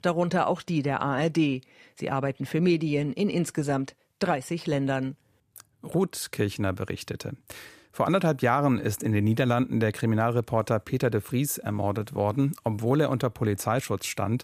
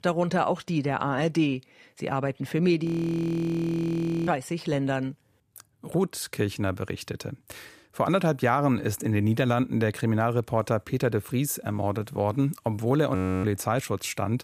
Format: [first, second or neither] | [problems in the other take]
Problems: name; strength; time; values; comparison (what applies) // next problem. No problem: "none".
first | audio freezing; at 3 s for 1.5 s and at 13 s